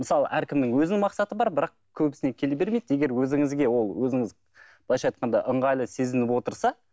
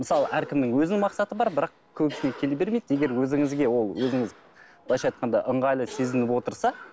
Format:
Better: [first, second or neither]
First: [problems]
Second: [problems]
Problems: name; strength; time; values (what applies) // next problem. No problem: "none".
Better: first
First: none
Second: background sound (Cough); 19 dB below the speech